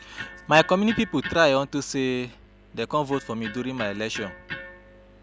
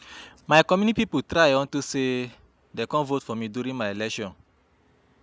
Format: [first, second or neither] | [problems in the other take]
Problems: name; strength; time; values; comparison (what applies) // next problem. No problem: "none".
second | background sound (Electric guitar); 14 dB below the speech